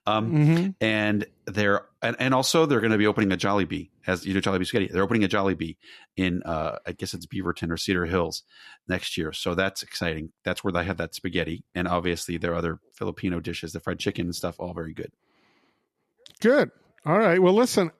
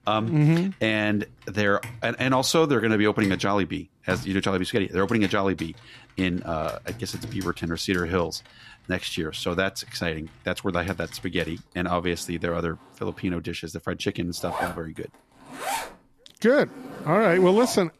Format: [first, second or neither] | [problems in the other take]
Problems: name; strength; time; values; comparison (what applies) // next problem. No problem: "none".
first | household noises; noticeable; throughout; 15 dB below the speech